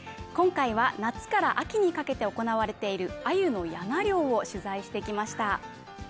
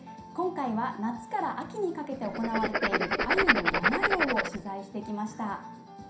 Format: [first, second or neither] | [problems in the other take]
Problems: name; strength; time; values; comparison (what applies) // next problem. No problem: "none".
first | background sound (Writing); 4 dB above the speech // room echo; dies away in 0.5 s